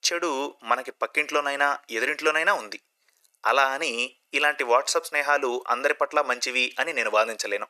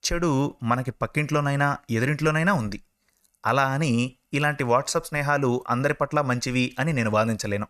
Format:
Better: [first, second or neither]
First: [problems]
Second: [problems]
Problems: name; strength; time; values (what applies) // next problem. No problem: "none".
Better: second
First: thin; very; fading below 350 Hz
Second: none